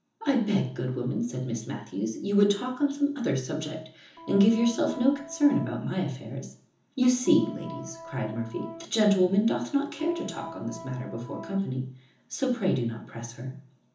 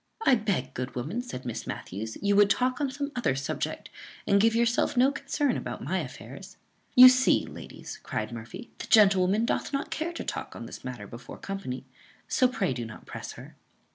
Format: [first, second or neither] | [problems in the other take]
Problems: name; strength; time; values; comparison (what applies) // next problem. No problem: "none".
second | background sound (Organ); 15 dB below the speech // room echo; dies away in 0.7 s